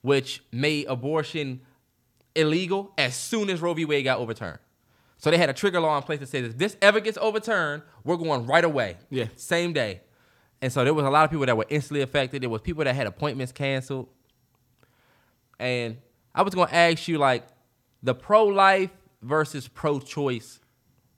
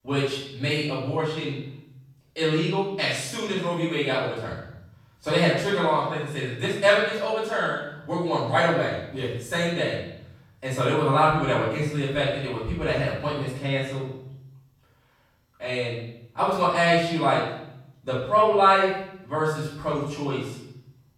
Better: first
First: none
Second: room echo; noticeable; dies away in 0.8 s // off-mic speech; far

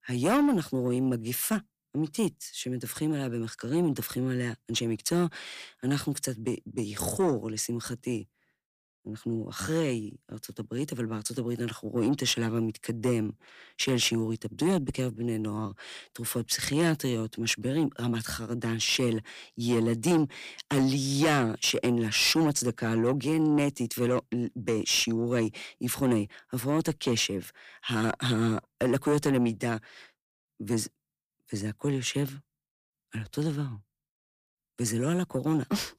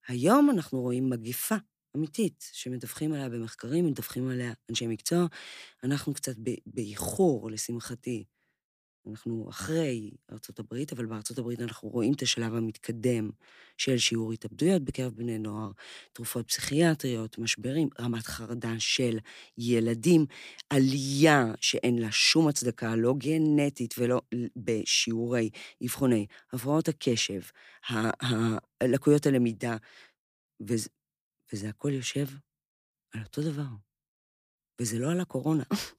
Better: second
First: distortion; slight; 10 dB below the speech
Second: none

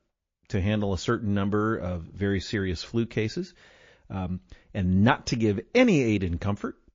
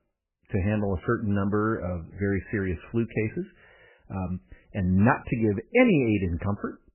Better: first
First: garbled, watery; slightly; nothing above 6.5 kHz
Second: garbled, watery; badly; nothing above 3 kHz

